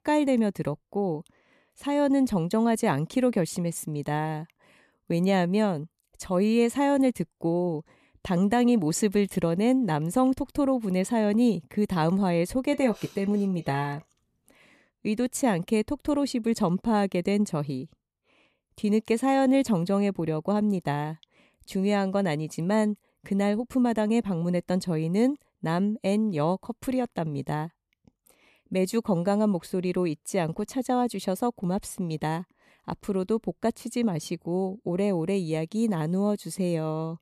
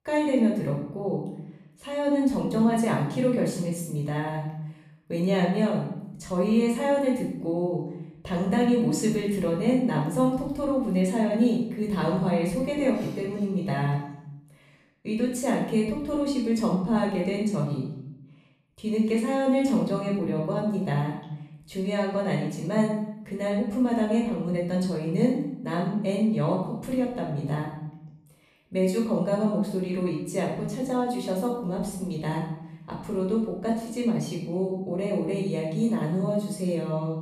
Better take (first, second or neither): first